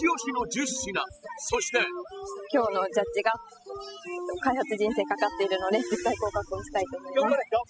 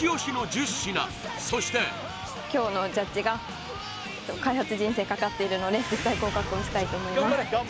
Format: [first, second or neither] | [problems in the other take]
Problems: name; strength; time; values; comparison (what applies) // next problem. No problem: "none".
second | noise reduction (classical method spectral subtraction)